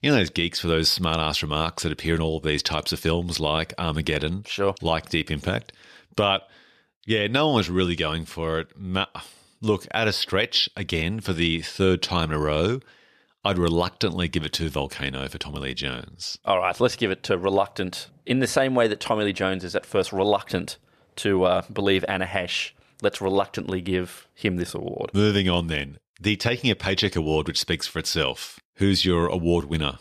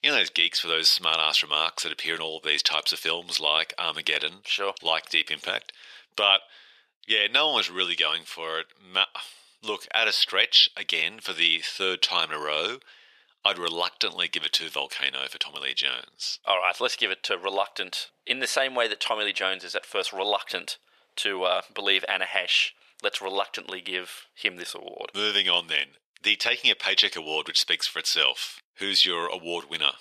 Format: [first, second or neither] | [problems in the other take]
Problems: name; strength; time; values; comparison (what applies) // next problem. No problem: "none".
first | thin; very; fading below 650 Hz